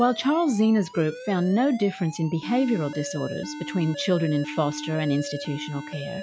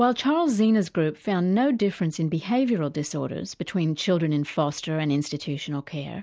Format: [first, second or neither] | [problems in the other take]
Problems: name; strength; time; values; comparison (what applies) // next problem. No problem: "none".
second | noise reduction (classical method log-MMSE)